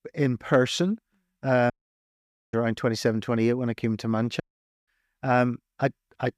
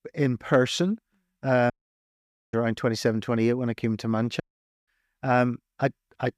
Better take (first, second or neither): neither